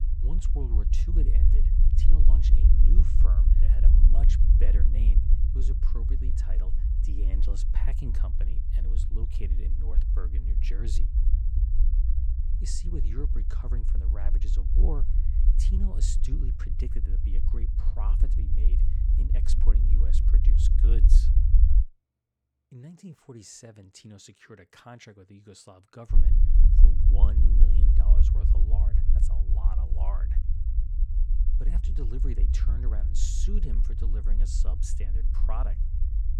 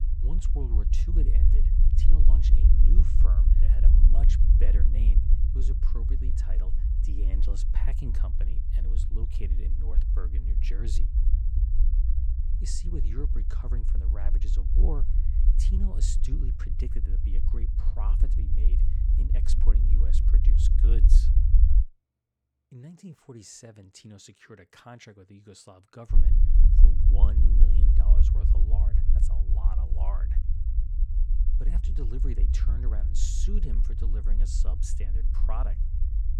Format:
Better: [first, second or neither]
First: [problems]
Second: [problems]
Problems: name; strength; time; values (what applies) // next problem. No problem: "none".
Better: neither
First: low rumble; loud; until 22 s and from 26 s on; 1 dB below the speech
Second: low rumble; loud; until 22 s and from 26 s on; 1 dB below the speech